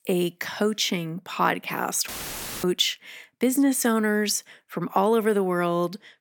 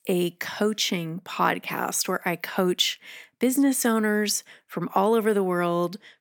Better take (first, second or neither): second